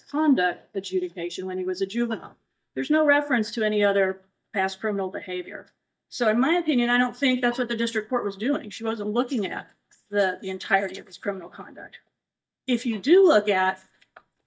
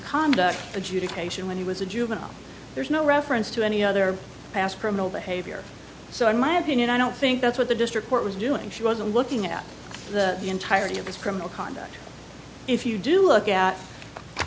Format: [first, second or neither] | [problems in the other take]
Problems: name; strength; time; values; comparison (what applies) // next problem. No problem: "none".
second | noise reduction (neural mask model DeepFilterNet 3)